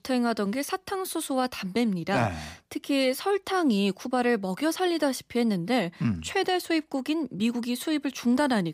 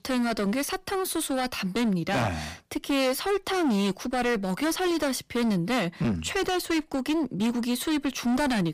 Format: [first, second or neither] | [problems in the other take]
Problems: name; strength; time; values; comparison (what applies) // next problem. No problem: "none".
first | distortion; heavy; 19% of the sound clipped